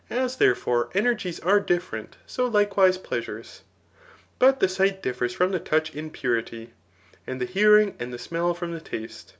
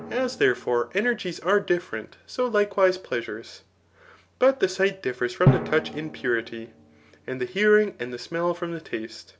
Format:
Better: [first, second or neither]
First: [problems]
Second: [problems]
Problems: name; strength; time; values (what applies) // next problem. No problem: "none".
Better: first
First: none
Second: background sound (Drum); 8 dB below the speech